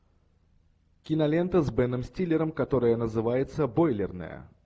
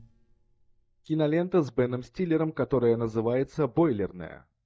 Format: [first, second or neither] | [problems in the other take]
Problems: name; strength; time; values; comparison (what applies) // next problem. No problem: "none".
first | noise reduction (neural mask model DeepFilterNet 3)